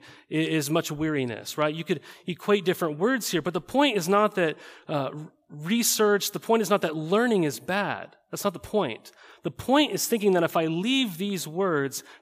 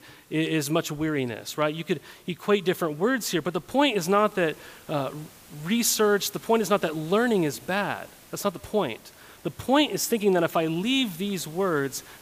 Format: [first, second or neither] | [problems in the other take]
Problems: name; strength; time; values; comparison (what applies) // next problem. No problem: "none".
first | hiss; faint; throughout; 25 dB below the speech